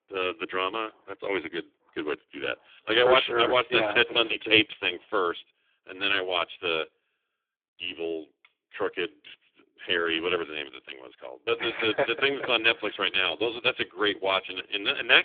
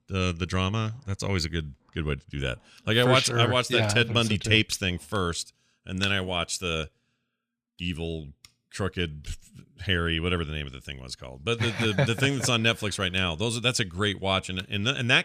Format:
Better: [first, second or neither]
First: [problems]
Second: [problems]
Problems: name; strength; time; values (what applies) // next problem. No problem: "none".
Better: second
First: phone-call audio; poor line; nothing above 3.5 kHz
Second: none